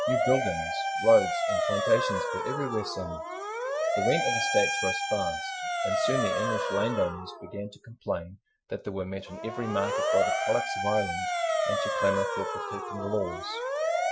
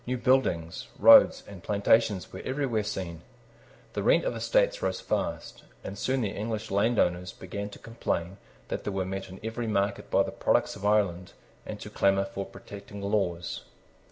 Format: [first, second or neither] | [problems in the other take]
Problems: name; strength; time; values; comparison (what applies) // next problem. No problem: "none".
second | noise reduction (classical method Wiener filter)